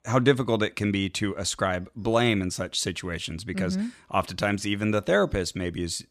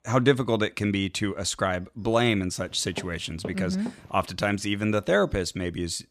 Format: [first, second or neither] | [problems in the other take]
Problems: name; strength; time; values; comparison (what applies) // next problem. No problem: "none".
first | footsteps; faint; from 2.5 to 4 s; peak 15 dB below the speech